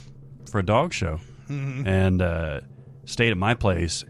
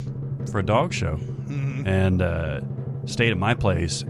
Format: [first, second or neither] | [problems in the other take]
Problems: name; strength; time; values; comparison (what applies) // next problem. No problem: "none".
first | background music; loud; throughout; 7 dB below the speech; faint in the first